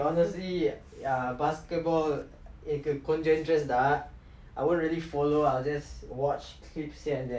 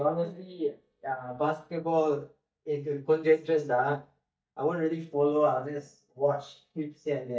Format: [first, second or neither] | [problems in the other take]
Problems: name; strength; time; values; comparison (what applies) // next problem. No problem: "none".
first | noise reduction (neural mask model DeepFilterNet 3)